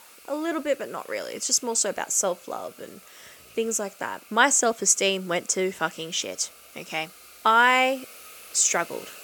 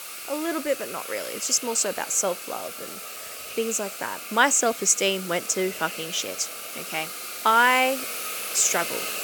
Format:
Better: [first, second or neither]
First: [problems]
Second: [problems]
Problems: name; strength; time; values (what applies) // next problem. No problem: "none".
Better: first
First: hiss; faint; throughout; 20 dB below the speech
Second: hiss; loud; throughout; 9 dB below the speech